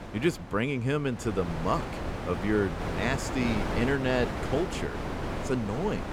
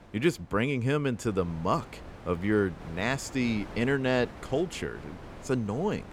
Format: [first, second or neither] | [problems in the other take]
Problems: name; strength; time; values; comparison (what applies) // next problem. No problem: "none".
second | wind noise on the microphone; heavy; 4 dB below the speech; occasional gusts in the second